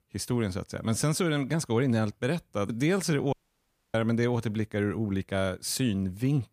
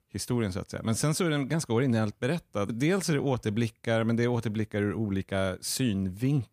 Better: second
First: audio cutting out; at 3.5 s for 0.5 s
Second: none

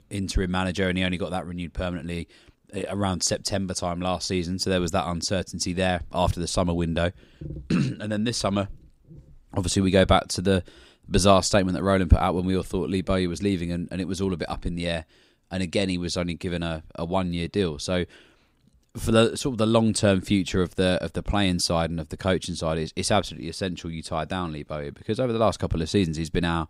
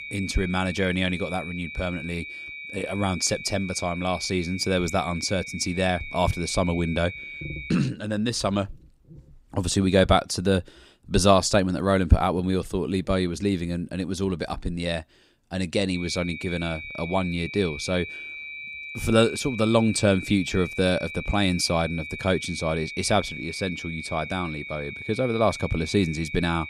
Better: first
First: none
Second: high-pitched whine; loud; until 7.5 s and from 16 s on; 2.5 kHz, 10 dB below the speech

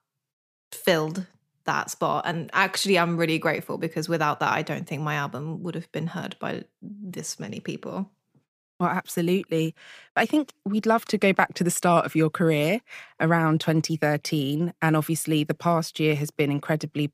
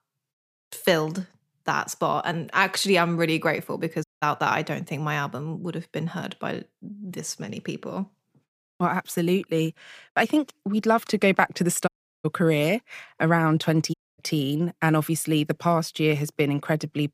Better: first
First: none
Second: audio cutting out; at 4 s, at 12 s and at 14 s

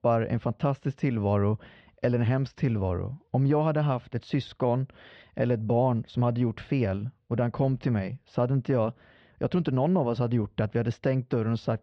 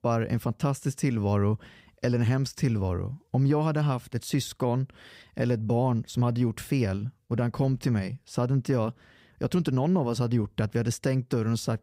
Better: second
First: muffled; very; fading above 3.5 kHz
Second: none

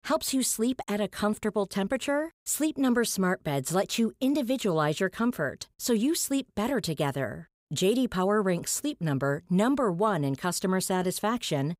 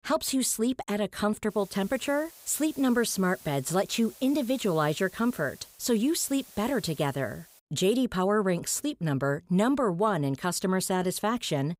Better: first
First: none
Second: hiss; faint; from 1.5 to 7.5 s; 20 dB below the speech

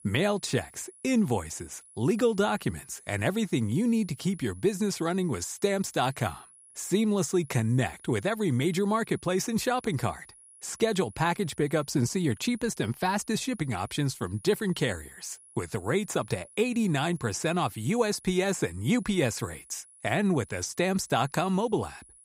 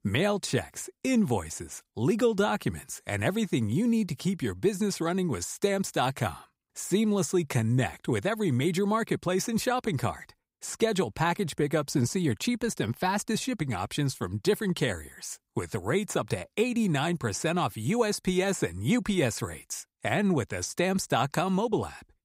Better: second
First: high-pitched whine; faint; throughout; 10.5 kHz, 25 dB below the speech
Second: none

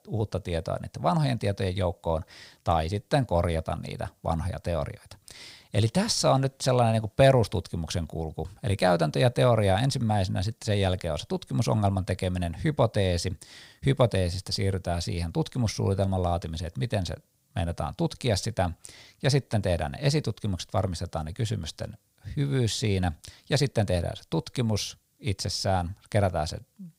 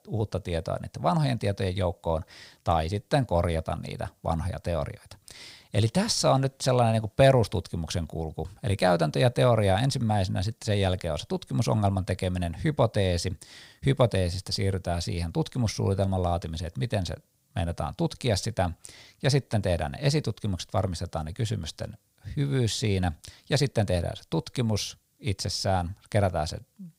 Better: neither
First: none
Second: none

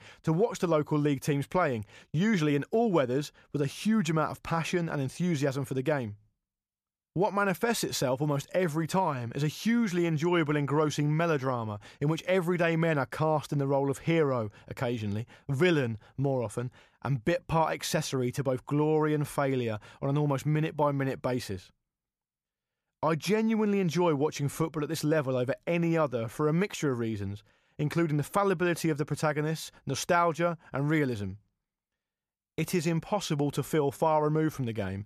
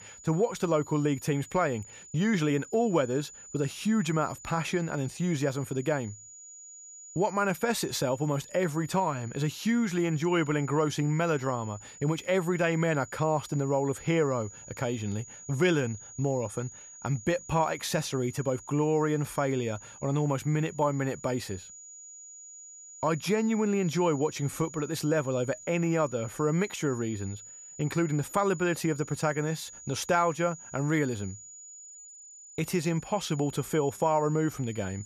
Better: first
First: none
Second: high-pitched whine; noticeable; throughout; 7 kHz, 15 dB below the speech

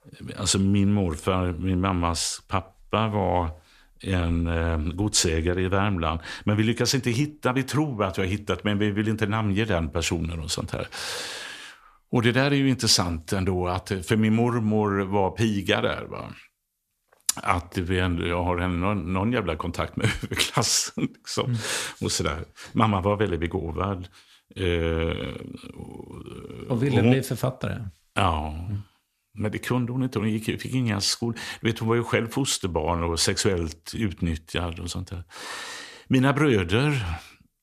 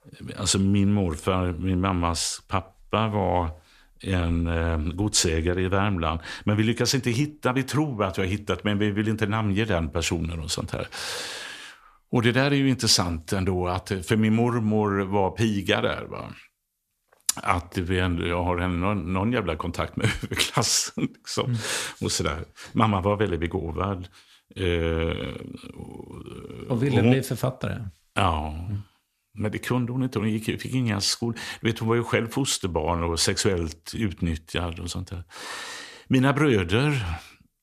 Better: neither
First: none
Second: none

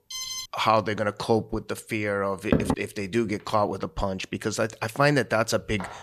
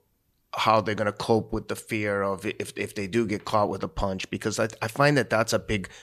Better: second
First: alarm; noticeable; at the start; peak 5 dB below the speech // door banging; loud; at 2.5 s; peak 1 dB above the speech // footsteps; very faint; at 5.5 s; peak 15 dB below the speech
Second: none

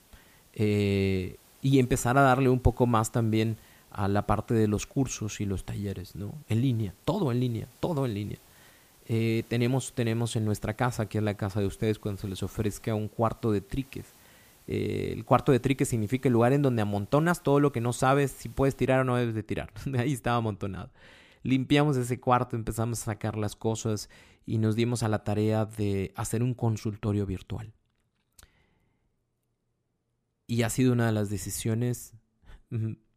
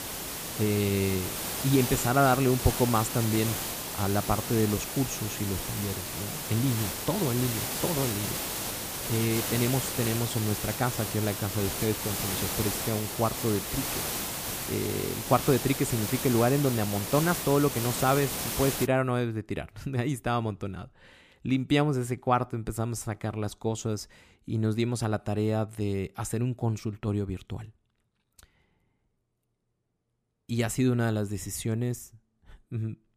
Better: first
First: hiss; faint; until 19 s; 30 dB below the speech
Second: hiss; loud; until 19 s; 3 dB below the speech

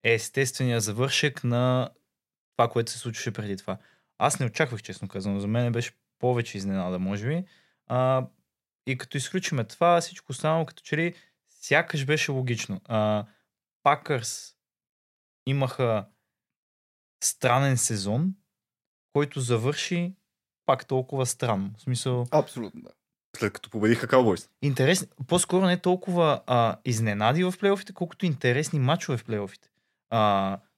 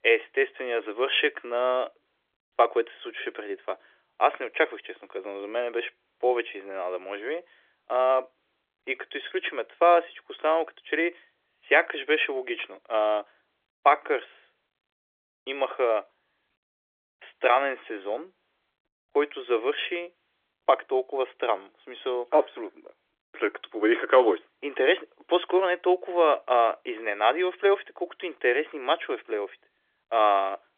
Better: first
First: none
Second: phone-call audio; nothing above 3.5 kHz

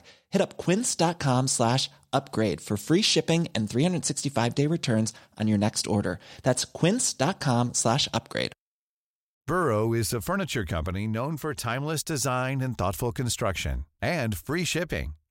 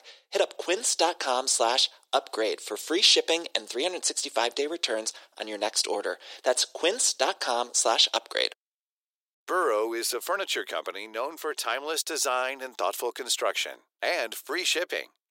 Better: first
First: none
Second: thin; very; fading below 350 Hz

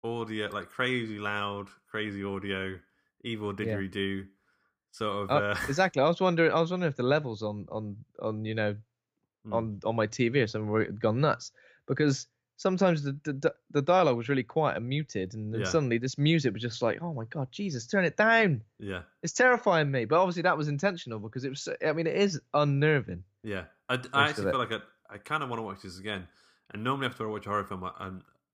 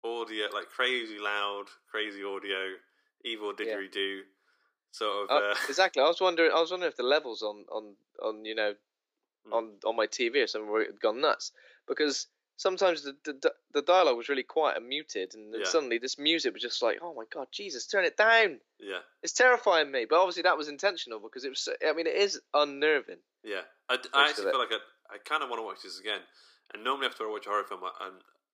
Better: first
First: none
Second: thin; very; fading below 350 Hz

